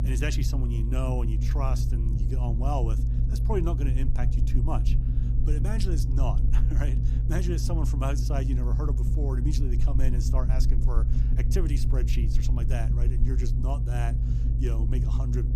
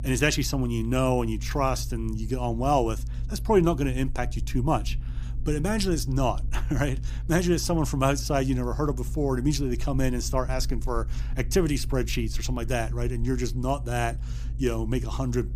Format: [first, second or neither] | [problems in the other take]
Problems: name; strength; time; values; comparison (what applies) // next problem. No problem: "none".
second | low rumble; loud; throughout; 5 dB below the speech; faint in the second